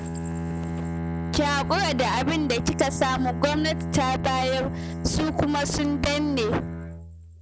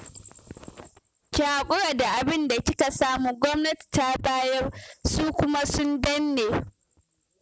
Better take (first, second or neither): second